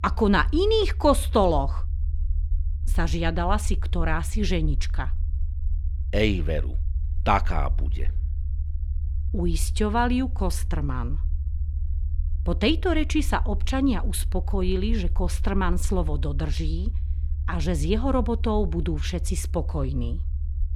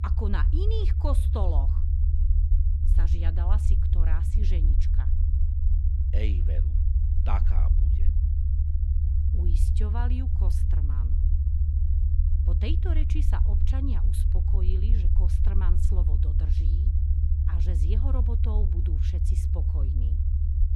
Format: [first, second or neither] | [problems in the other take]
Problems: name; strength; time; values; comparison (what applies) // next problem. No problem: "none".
first | low rumble; loud; throughout; 2 dB below the speech; faint in the first